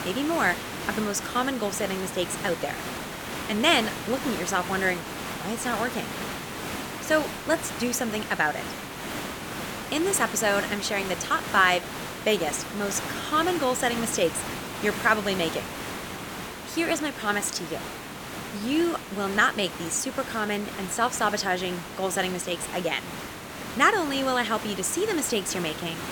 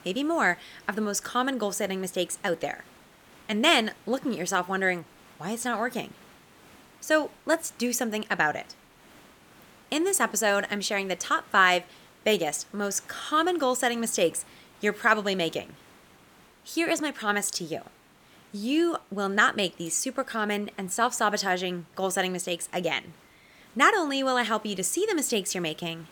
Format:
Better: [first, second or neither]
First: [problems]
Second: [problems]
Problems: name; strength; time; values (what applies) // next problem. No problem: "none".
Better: second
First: hiss; loud; throughout; 8 dB below the speech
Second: hiss; faint; throughout; 25 dB below the speech